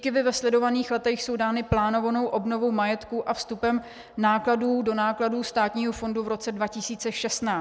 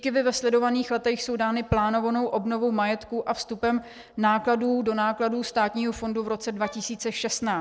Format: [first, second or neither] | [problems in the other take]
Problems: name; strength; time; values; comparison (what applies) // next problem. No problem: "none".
first | noise reduction (neural separator model SepFormer DNS4)